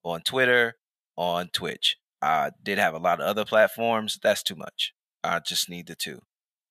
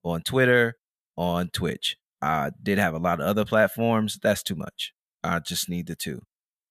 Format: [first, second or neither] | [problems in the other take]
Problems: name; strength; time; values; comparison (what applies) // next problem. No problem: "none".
second | thin; somewhat; fading below 750 Hz